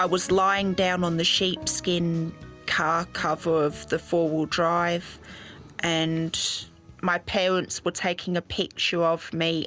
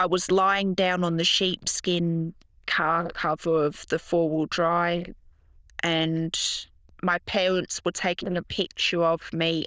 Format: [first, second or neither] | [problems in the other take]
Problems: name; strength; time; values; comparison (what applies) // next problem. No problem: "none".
first | noise reduction (neural diffusion model UNIVERSE++)